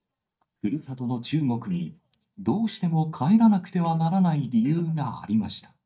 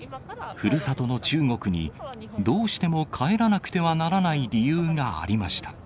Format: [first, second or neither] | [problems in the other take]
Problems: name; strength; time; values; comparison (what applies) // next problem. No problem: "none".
second | noise reduction (neural mask model DeepFilterNet 3)